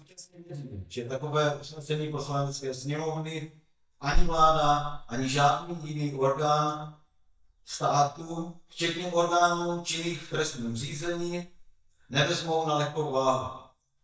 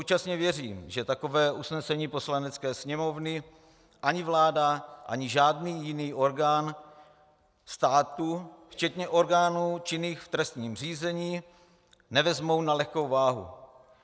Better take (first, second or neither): second